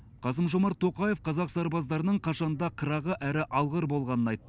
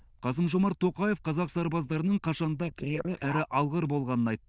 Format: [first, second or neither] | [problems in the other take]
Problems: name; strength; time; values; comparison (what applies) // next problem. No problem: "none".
first | noise reduction (neural diffusion model UNIVERSE++)